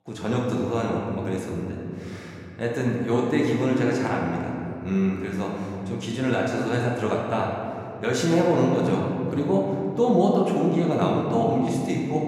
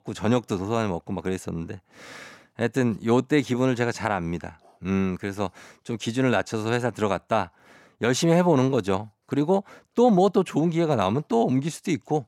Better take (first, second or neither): second